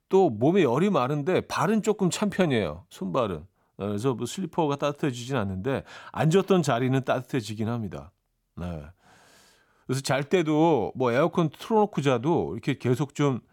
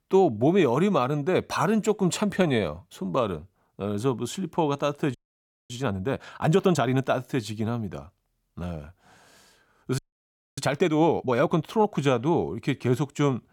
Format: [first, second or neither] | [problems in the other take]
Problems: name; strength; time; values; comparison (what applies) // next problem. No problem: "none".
first | audio freezing; at 5 s for 0.5 s and at 10 s for 0.5 s